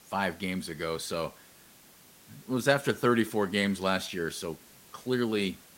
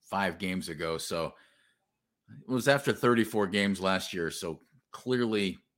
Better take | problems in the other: second | hiss; faint; throughout; 25 dB below the speech

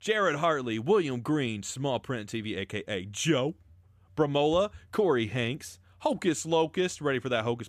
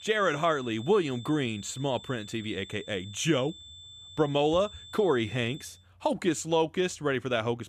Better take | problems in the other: first | high-pitched whine; noticeable; until 5.5 s; 3.5 kHz, 15 dB below the speech

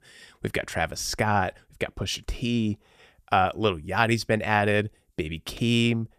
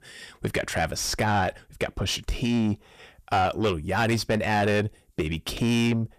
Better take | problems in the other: first | distortion; heavy; 8 dB below the speech

